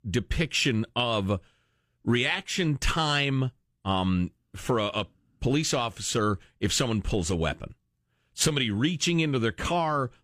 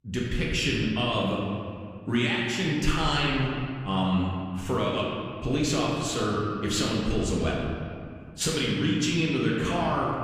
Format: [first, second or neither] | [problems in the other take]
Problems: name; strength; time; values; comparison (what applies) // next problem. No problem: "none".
first | room echo; noticeable; dies away in 2 s // off-mic speech; far